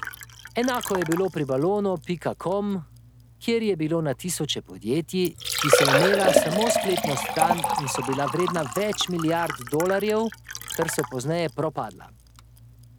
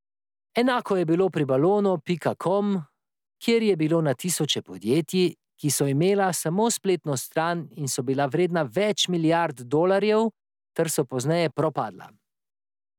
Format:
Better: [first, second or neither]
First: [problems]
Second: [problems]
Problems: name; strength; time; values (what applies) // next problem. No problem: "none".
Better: second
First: background sound (Liquid); 2 dB below the speech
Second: none